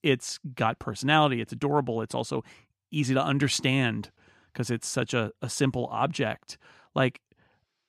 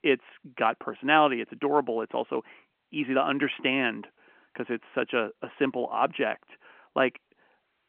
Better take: first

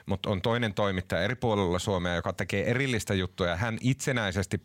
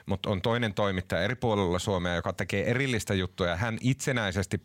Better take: neither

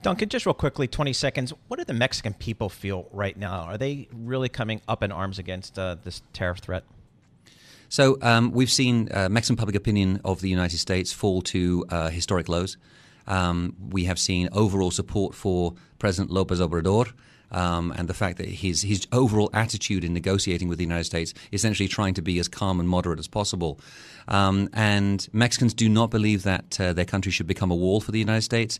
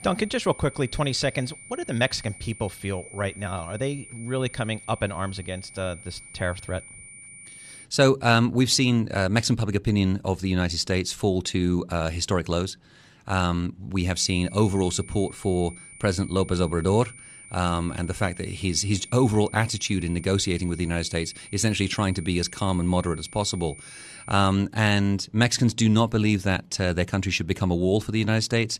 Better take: first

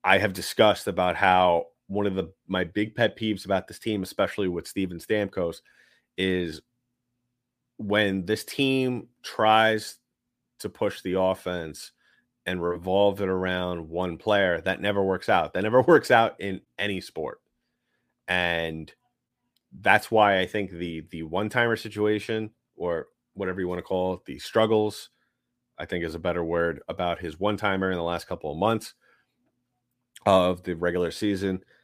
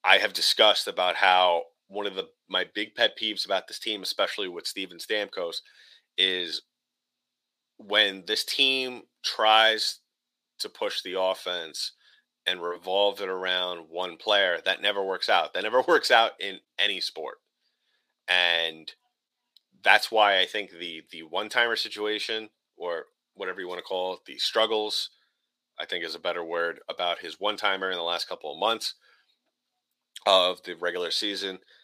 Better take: first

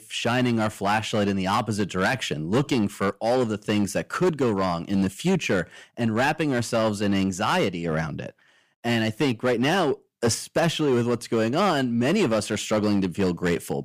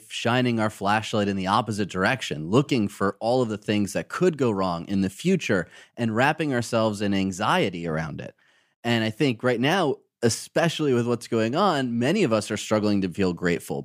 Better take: second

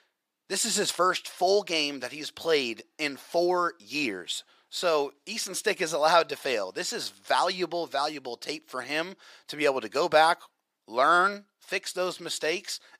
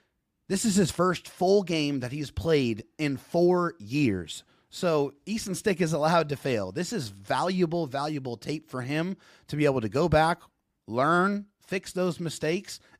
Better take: second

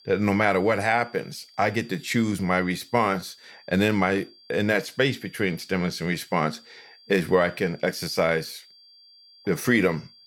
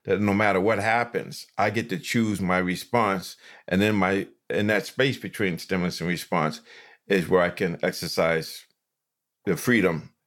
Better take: second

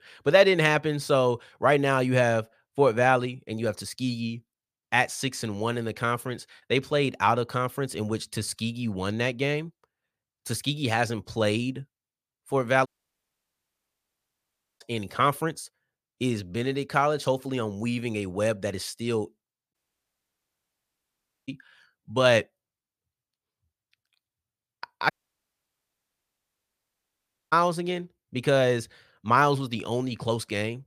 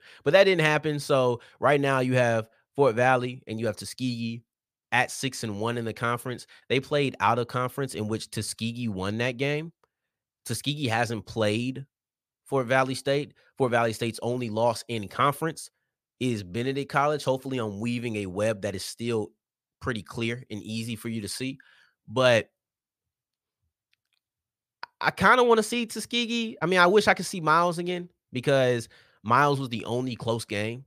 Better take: second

